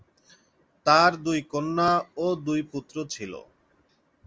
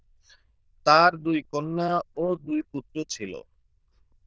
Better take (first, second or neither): first